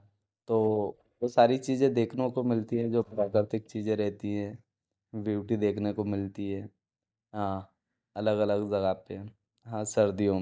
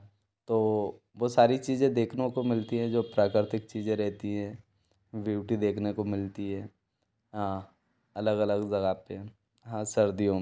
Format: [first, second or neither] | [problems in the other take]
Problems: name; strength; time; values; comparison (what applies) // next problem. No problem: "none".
second | noise reduction (neural mask model DeepFilterNet 3)